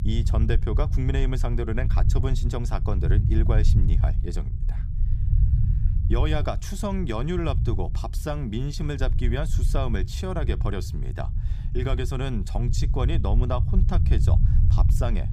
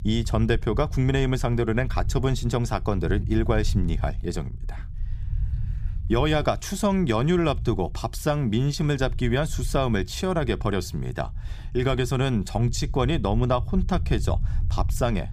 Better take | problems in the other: second | low rumble; loud; throughout; 9 dB below the speech; faint in the second

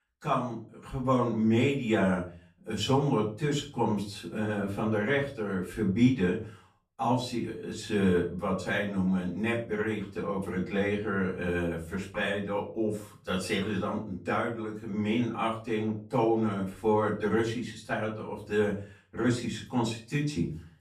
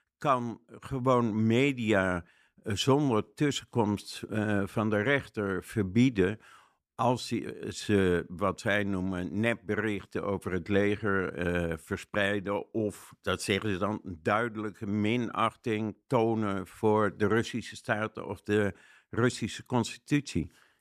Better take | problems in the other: second | room echo; slight; dies away in 0.3 s // off-mic speech; far

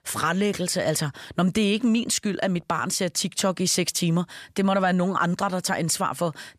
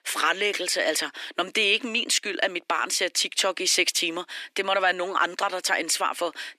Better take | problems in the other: first | thin; very; fading below 300 Hz

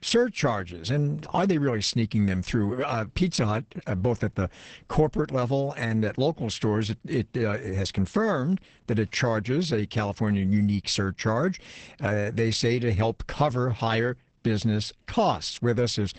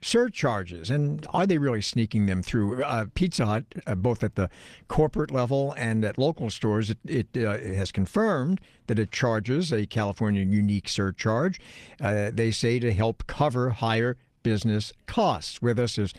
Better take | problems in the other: second | garbled, watery; badly; nothing above 8 kHz; slightly in the second

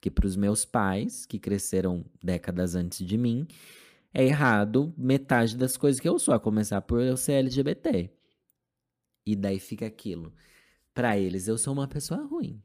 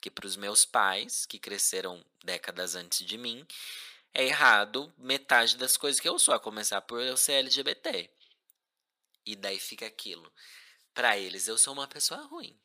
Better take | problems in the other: first | thin; very; fading below 950 Hz

